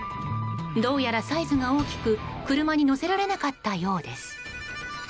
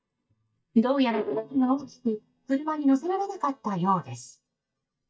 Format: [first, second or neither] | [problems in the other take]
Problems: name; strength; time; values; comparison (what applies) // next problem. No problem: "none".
first | noise reduction (neural mask model DeepFilterNet 3)